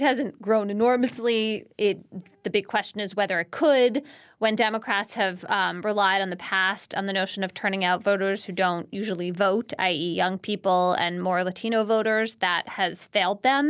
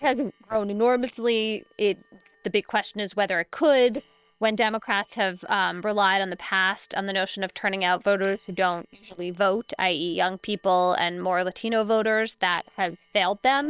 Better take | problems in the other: first | noise reduction (neural separator model SepFormer WHAM!)

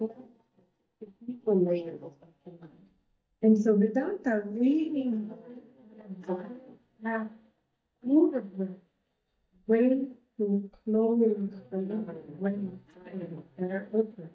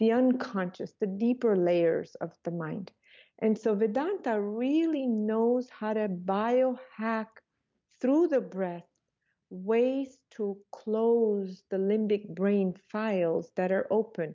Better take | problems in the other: second | noise reduction (neural mask model DeepFilterNet 3)

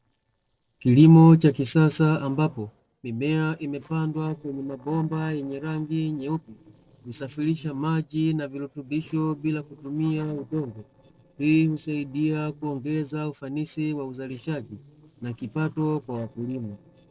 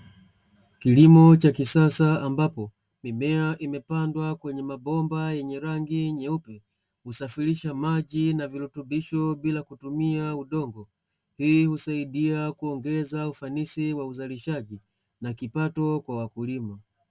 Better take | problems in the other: second | noise reduction (neural separator model SepFormer DNS4)

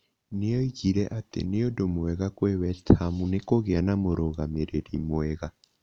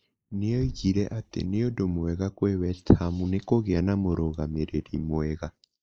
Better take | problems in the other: first | noise reduction (neural mask model Resemble Enhance denoiser)

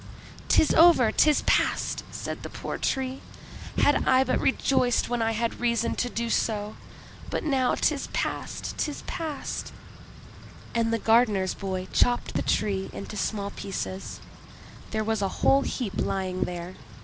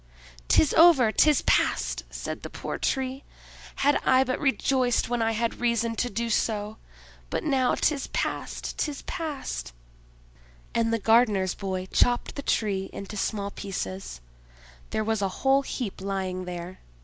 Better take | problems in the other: second | background sound (Wind / Rain); 8 dB below the speech

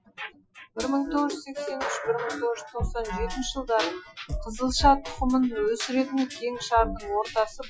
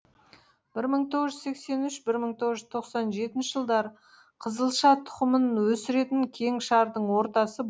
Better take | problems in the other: second | noise reduction (classical method Wiener filter)

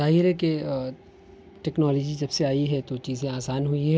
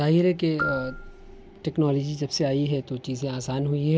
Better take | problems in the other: first | background sound (Marimba, xylophone); 11 dB below the speech

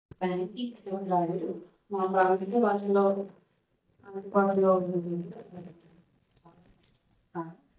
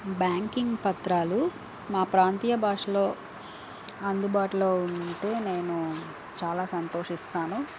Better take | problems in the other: second | noise reduction (neural mask model DeepFilterNet 3)

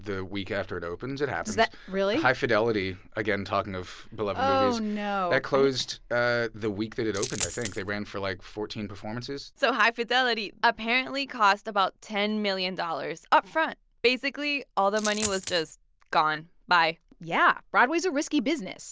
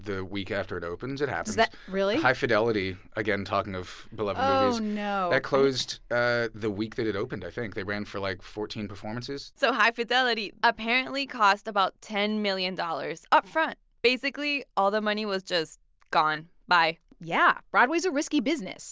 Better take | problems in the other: second | background sound (Coin (dropping)); 8 dB below the speech

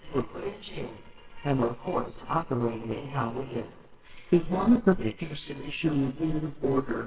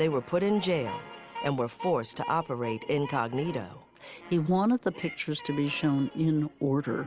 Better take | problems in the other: second | noise reduction (neural separator model SepFormer WHAMR!)

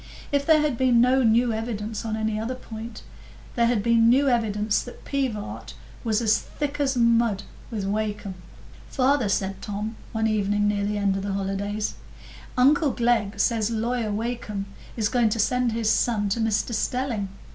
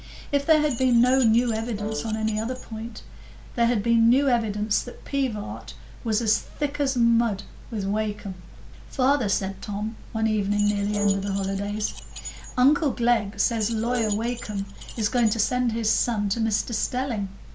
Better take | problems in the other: first | background sound (Keys jangling + Brass instrument); 13 dB below the speech

